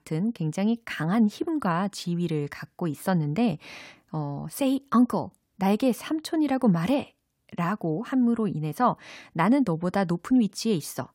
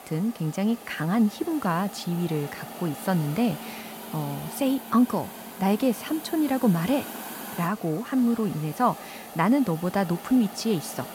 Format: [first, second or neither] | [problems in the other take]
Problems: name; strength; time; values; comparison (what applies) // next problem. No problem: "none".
first | hiss; noticeable; throughout; 15 dB below the speech